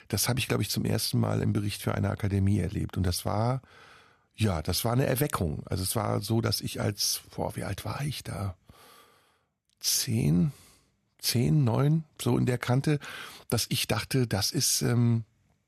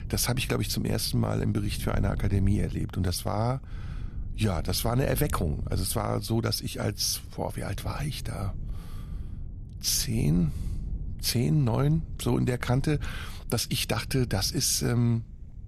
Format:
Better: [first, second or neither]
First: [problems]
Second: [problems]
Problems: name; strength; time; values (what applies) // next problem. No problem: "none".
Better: first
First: none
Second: low rumble; faint; throughout; 20 dB below the speech